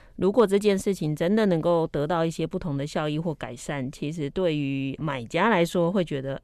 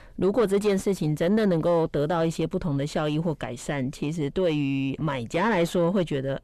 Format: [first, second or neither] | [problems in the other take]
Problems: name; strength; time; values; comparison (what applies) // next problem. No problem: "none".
first | distortion; slight; 10 dB below the speech